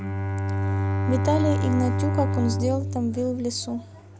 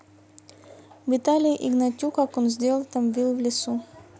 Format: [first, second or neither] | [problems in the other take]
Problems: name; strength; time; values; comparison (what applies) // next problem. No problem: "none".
second | background sound (Bowed string instrument); 2 dB above the speech